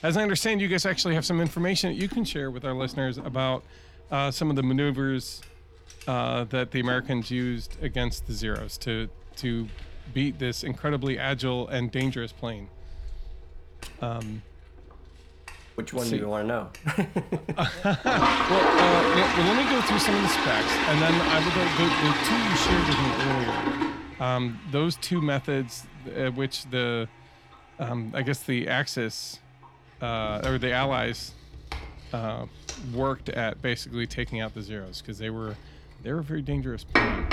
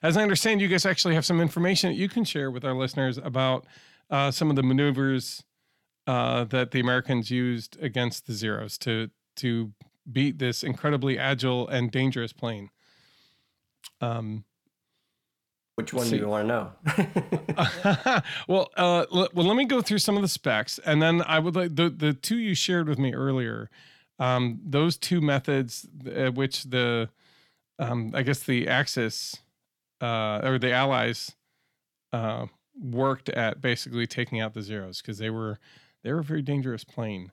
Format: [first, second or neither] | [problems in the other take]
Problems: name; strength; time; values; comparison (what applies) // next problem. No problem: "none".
second | household noises; very loud; throughout; 3 dB above the speech